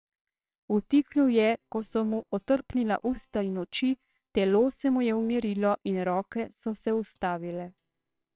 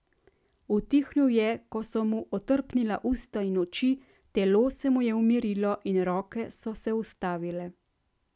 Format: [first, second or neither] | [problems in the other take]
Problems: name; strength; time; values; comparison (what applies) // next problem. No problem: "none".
second | noise reduction (neural separator model SepFormer WHAMR!)